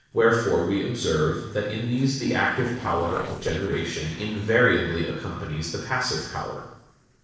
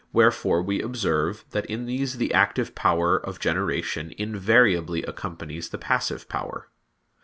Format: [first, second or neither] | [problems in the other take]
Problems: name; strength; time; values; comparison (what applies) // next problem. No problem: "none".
second | noise reduction (neural separator model SepFormer DNS4)